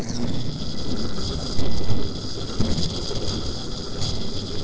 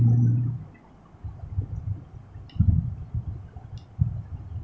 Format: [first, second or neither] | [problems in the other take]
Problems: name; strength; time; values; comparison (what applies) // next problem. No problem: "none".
second | noise reduction (neural separator model SepFormer DNS4)